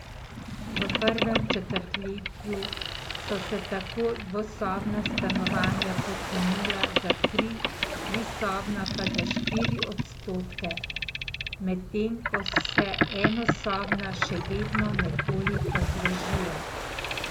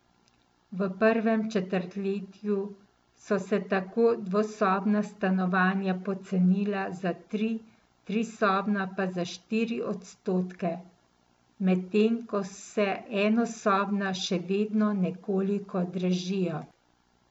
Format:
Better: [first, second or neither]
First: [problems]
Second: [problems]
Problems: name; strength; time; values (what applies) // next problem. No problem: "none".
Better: second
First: background sound (Boat, Water vehicle); 2 dB above the speech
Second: none